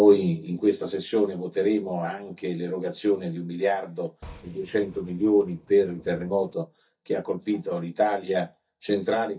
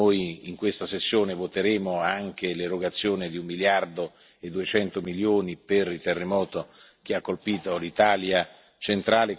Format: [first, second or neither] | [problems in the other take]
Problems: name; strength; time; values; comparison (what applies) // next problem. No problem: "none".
second | noise reduction (neural mask model DeepFilterNet 3)